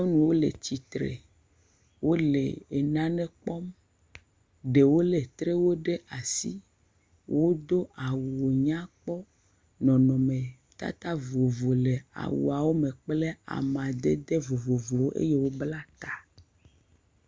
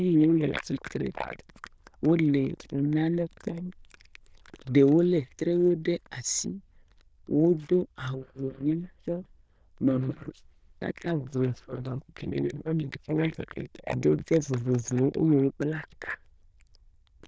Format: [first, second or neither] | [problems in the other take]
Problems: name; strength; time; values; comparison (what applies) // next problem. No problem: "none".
first | noise reduction (neural diffusion model UNIVERSE++)